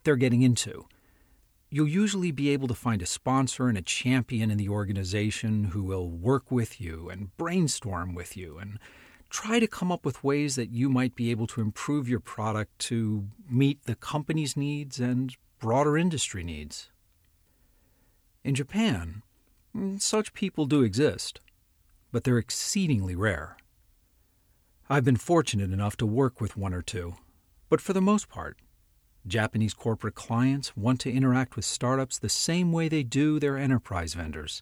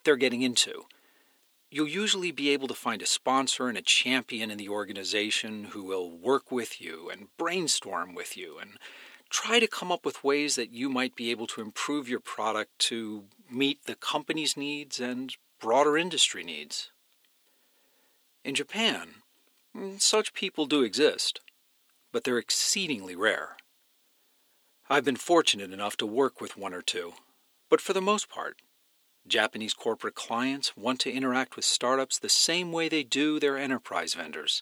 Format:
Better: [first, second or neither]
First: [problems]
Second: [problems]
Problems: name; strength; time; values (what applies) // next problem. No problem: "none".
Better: first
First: none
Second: thin; somewhat; fading below 350 Hz